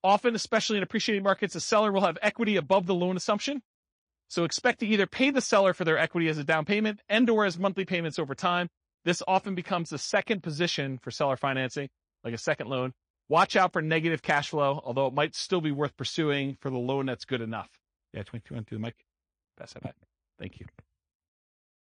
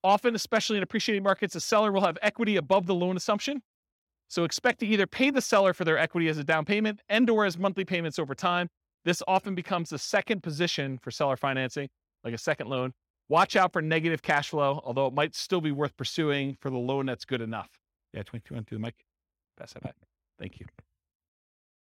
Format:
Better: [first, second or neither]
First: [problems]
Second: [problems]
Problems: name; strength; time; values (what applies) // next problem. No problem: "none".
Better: second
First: garbled, watery; slightly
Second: none